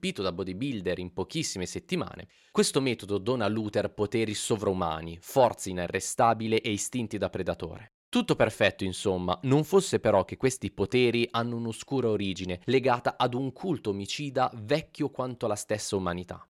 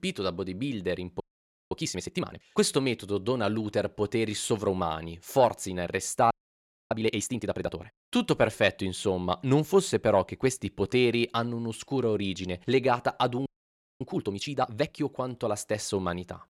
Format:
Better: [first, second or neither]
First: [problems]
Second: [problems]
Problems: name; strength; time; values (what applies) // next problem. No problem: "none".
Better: first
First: none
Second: audio freezing; at 1 s for 0.5 s, at 6.5 s for 0.5 s and at 13 s for 0.5 s